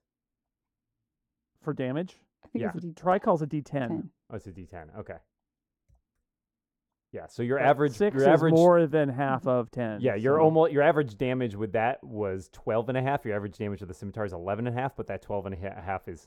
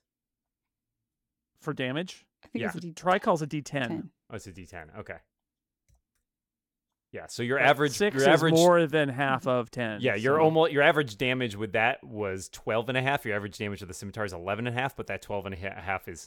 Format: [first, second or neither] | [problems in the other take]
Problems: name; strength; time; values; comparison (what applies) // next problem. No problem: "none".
second | muffled; slightly; fading above 1.5 kHz